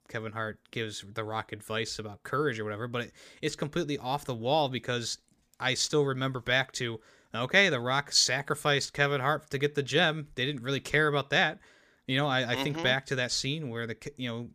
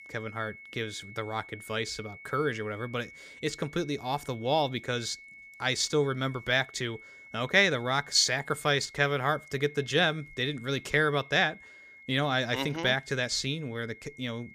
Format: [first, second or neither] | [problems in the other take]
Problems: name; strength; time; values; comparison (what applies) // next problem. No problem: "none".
first | high-pitched whine; noticeable; throughout; 2 kHz, 20 dB below the speech